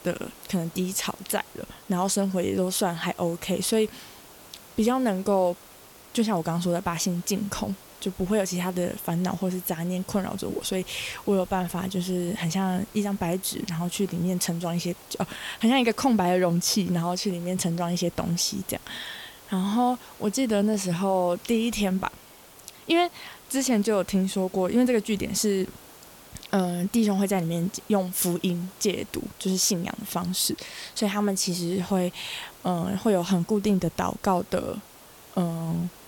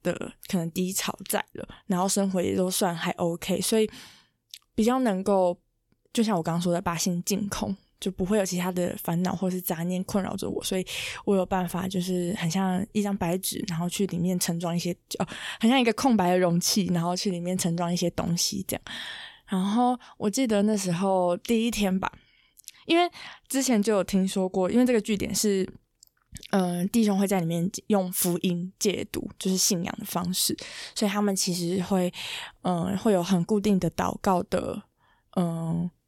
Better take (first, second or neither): second